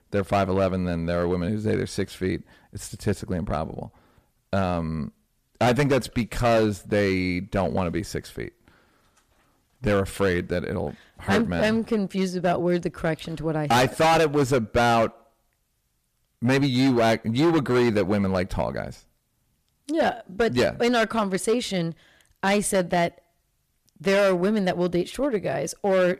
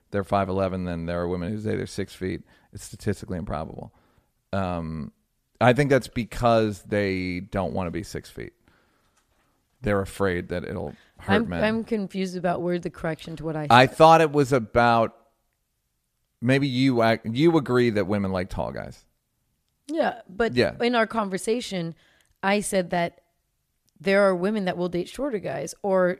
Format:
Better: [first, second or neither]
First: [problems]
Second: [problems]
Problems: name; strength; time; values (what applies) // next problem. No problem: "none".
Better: second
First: distortion; heavy; 7% of the sound clipped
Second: none